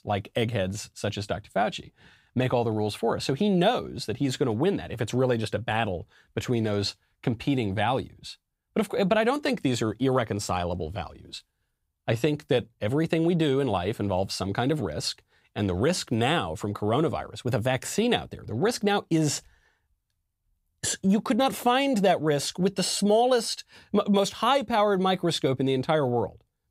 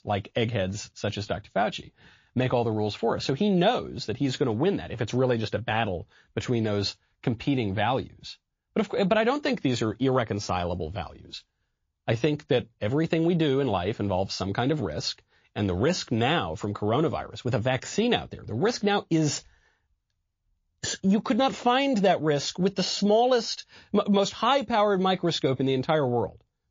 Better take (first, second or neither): first